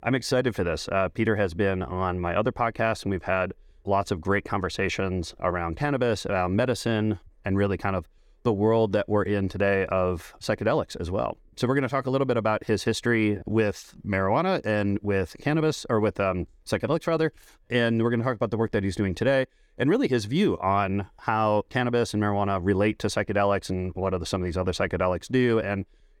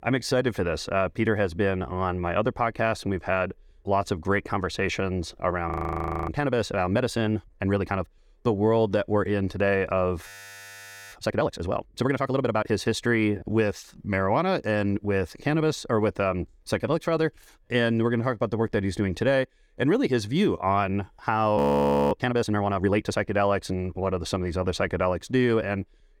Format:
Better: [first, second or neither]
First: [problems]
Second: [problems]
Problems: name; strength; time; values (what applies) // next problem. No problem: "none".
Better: first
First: none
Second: audio freezing; at 5.5 s for 0.5 s, at 10 s for 1 s and at 22 s for 0.5 s